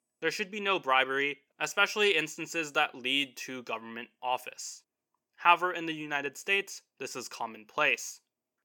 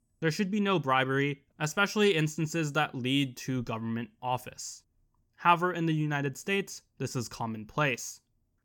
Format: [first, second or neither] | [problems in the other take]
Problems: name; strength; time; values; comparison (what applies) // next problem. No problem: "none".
second | thin; somewhat; fading below 500 Hz